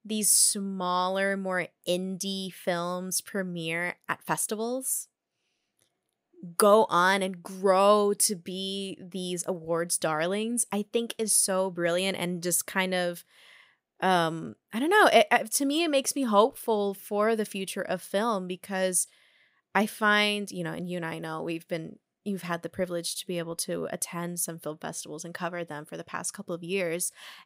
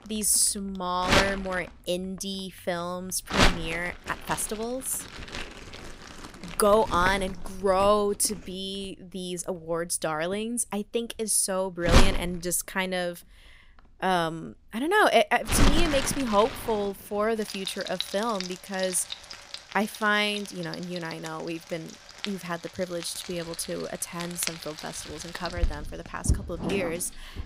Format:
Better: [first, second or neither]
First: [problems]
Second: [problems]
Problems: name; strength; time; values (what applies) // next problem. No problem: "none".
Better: first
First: none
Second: household noises; loud; throughout; 4 dB below the speech